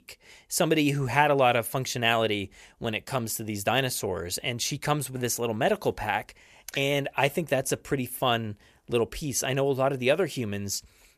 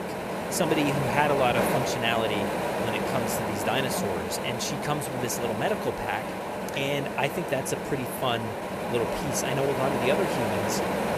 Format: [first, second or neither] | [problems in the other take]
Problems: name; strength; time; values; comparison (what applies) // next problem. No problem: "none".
first | wind noise on the microphone; heavy; as loud as the speech